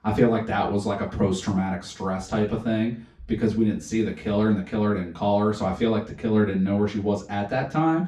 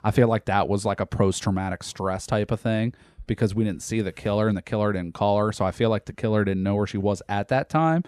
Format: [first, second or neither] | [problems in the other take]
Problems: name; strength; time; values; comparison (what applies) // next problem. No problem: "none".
second | room echo; slight; dies away in 0.3 s // off-mic speech; far